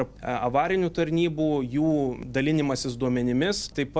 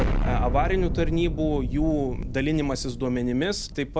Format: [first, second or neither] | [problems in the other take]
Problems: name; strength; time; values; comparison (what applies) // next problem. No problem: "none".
first | background sound (Explosion); 2 dB below the speech